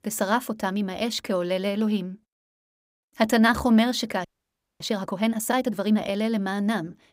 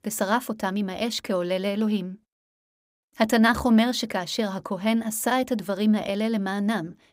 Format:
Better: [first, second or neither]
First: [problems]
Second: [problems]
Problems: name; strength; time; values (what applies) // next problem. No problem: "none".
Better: second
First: audio freezing; at 4.5 s for 0.5 s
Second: none